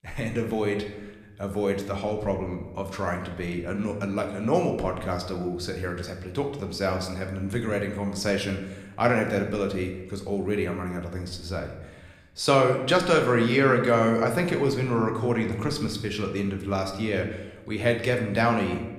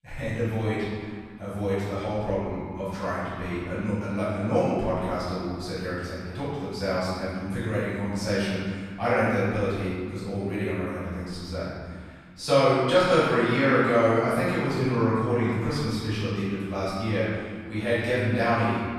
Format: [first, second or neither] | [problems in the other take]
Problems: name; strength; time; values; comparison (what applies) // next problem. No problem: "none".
first | room echo; strong; dies away in 1.9 s; slight in the first // off-mic speech; far